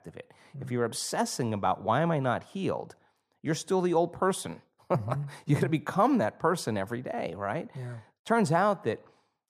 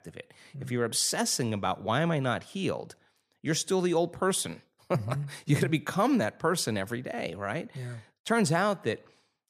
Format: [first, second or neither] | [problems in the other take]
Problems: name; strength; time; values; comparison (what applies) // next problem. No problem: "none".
second | muffled; slightly; fading above 1.5 kHz